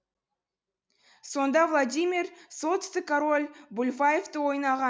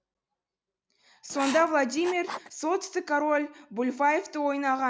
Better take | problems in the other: first | background sound (Writing); 11 dB below the speech

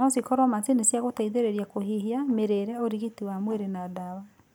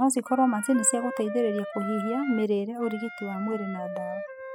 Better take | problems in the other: first | noise reduction (classical method spectral subtraction)

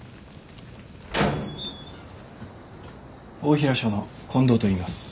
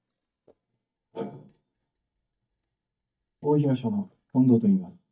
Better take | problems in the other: first | noise reduction (neural mask model DeepFilterNet 3)

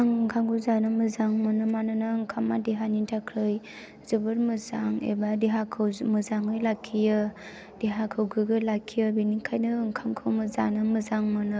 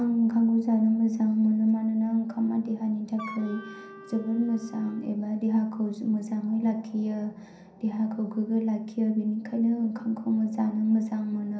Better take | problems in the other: first | background sound (Wind instrument, woodwind instrument); 18 dB below the speech // room echo; dies away in 0.6 s

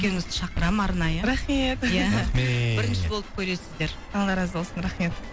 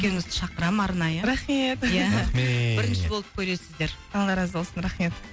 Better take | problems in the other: second | background sound (Fixed-wing aircraft, airplane); 8 dB below the speech

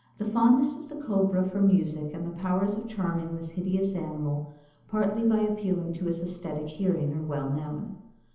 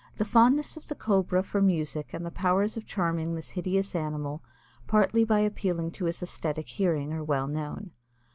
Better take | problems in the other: second | room echo; dies away in 0.9 s

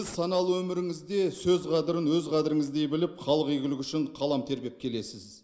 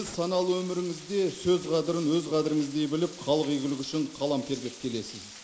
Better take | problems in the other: first | background sound (Rain); 18 dB below the speech

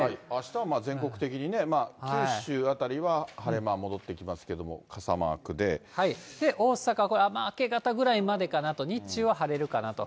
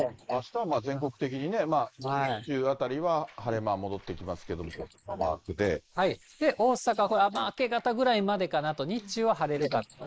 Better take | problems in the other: first | noise reduction (neural mask model Resemble Enhance denoiser)

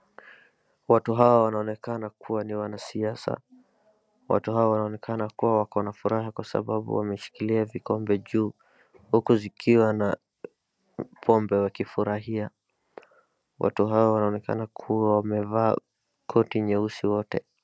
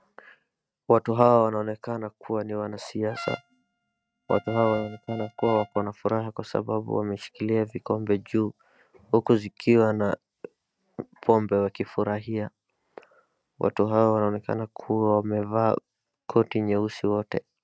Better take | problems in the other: first | noise reduction (neural mask model RNNoise)

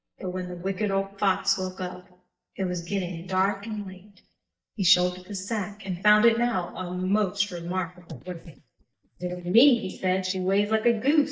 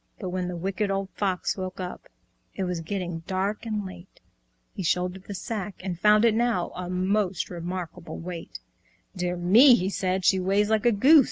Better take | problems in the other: second | noise reduction (neural mask model DeepFilterNet 3)

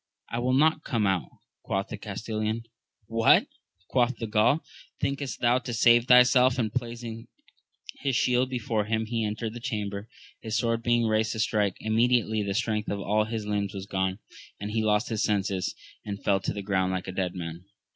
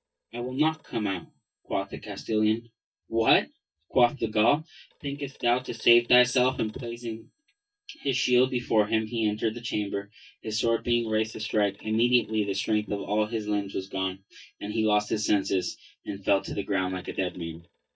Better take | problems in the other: first | noise reduction (neural mask model DeepFilterNet 3)

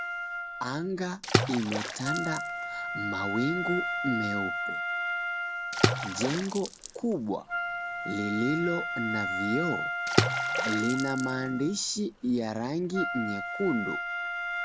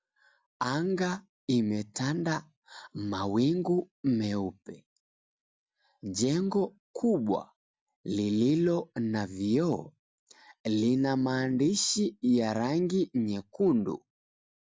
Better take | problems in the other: second | background sound (Water / Splash, splatter + Wind instrument, woodwind instrument); as loud as the speech

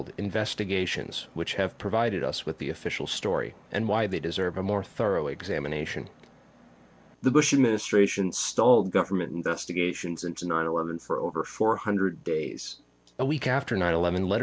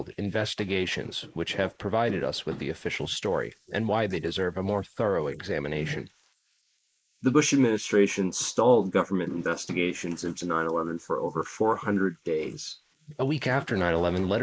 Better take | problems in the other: first | noise reduction (neural mask model Resemble Enhance denoiser)

